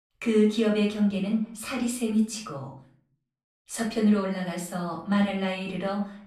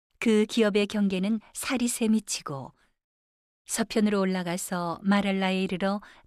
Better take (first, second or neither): second